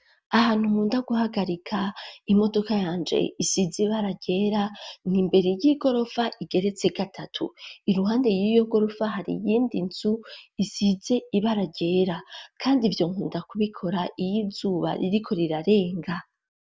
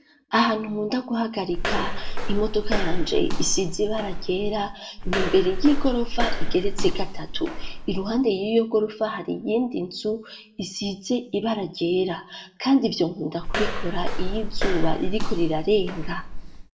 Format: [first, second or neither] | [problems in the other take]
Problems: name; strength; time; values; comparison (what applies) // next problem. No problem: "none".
first | background sound (Walk, footsteps); 2 dB above the speech // room echo; dies away in 0.3 s